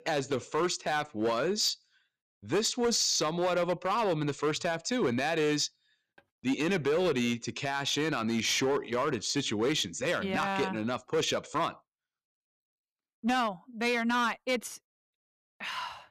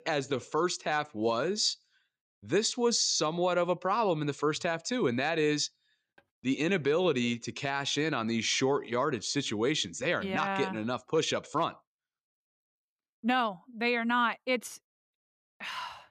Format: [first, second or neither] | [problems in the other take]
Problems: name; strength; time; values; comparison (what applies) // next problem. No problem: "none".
second | distortion; slight; 7% of the sound clipped